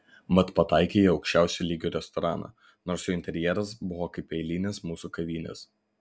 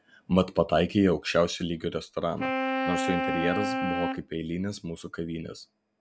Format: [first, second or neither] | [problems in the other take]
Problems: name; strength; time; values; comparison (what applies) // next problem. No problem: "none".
first | background sound (Wind instrument, woodwind instrument); 2 dB below the speech